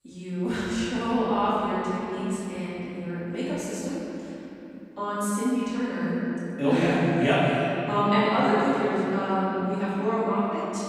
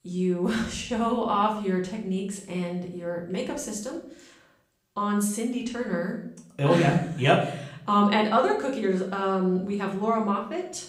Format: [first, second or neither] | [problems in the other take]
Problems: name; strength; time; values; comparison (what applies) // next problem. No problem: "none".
second | room echo; strong; dies away in 3 s; slight in the second // off-mic speech; far; far in the second